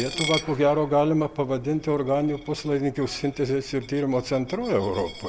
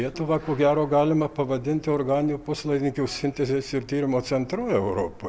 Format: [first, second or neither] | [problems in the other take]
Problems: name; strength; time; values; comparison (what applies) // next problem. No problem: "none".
second | background sound (Coin (dropping)); 14 dB below the speech